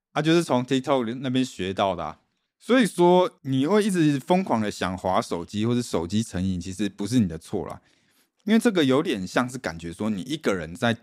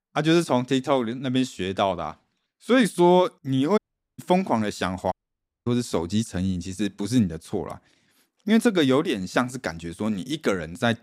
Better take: first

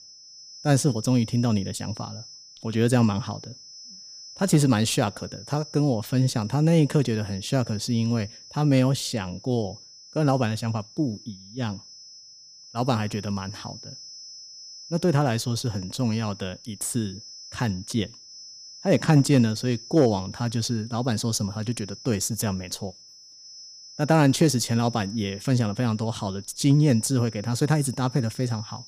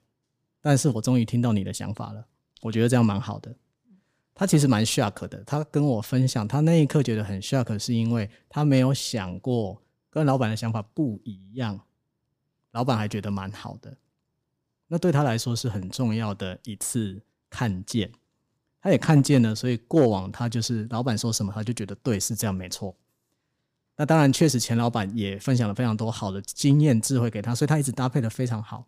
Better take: second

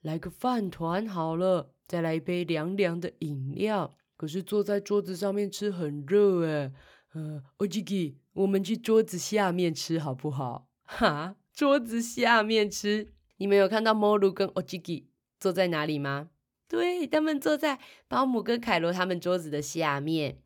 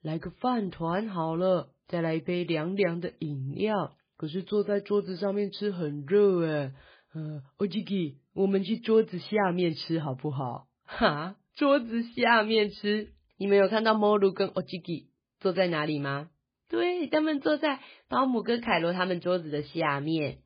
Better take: first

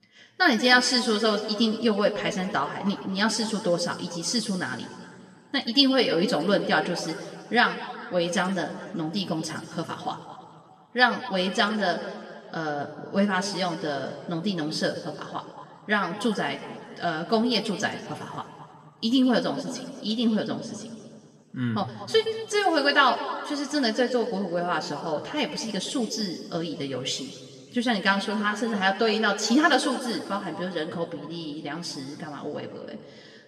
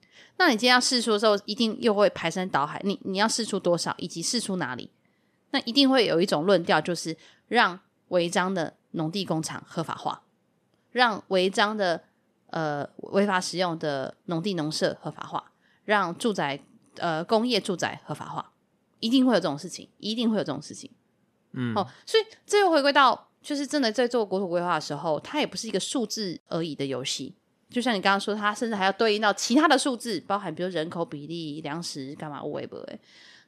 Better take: second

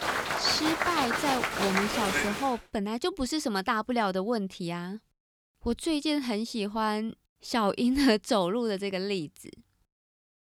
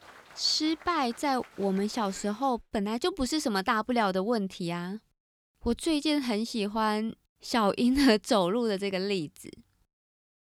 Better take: second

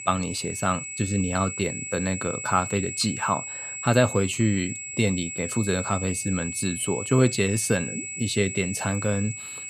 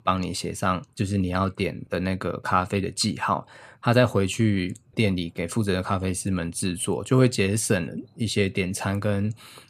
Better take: second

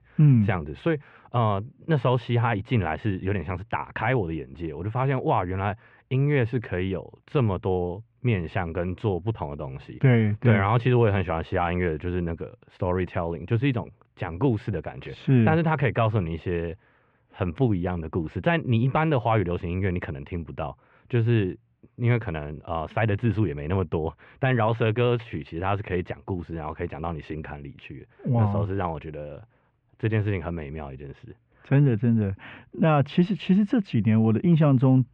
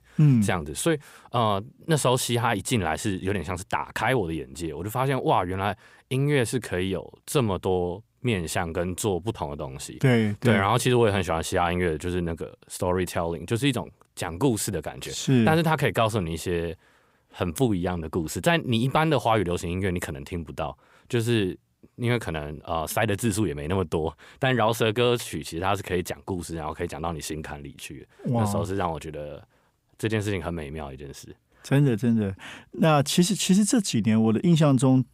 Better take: second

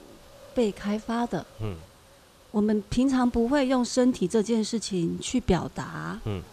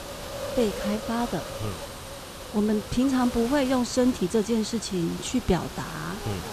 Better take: first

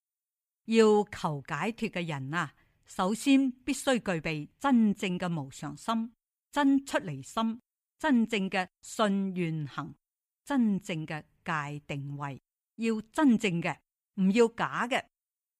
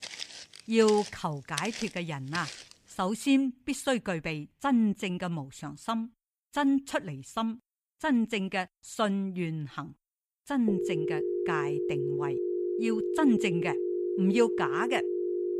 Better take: first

